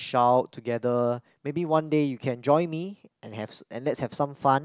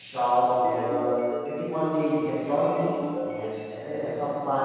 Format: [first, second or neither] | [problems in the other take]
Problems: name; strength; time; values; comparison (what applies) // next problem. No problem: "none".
first | background sound (Ringtone); 10 dB below the speech // room echo; dies away in 2.2 s